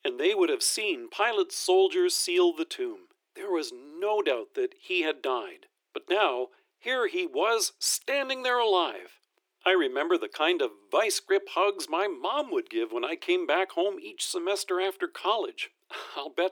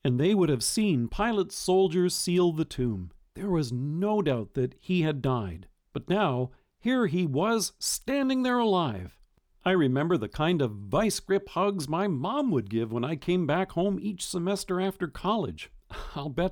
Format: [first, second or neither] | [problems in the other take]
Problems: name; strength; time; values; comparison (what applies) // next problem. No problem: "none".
second | thin; very; fading below 350 Hz